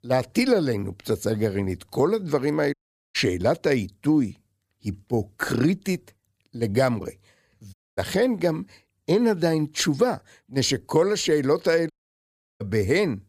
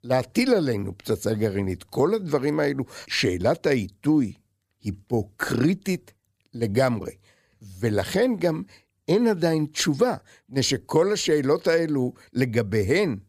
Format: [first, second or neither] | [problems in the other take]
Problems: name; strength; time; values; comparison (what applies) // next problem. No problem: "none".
second | audio cutting out; at 2.5 s, at 7.5 s and at 12 s for 0.5 s